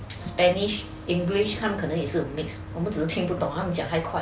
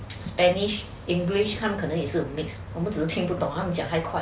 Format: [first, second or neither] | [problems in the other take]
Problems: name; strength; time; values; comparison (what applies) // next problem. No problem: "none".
second | background sound (Bowed string instrument + Brass instrument); 20 dB below the speech